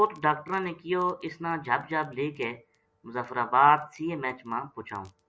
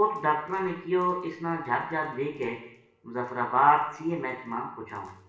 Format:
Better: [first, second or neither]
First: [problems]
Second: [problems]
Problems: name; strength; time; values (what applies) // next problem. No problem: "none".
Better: first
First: none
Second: room echo; dies away in 0.8 s